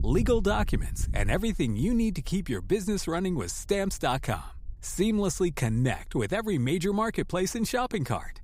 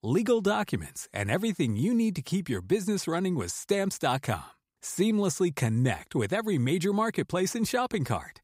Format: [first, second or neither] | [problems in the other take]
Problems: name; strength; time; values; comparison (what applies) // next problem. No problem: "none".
second | low rumble; faint; throughout; 25 dB below the speech